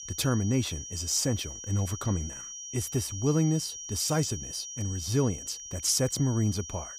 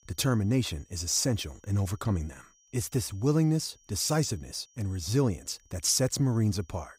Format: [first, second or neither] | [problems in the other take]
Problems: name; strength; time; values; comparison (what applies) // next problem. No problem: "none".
second | high-pitched whine; loud; throughout; 6 kHz, 9 dB below the speech; faint in the second